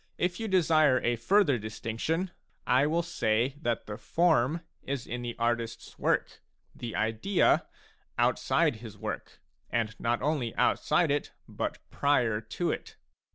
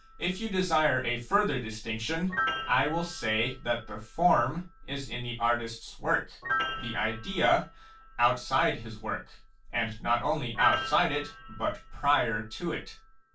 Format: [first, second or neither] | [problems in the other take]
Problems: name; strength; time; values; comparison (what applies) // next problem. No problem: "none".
first | background sound (Piano); 10 dB below the speech // room echo; dies away in 0.2 s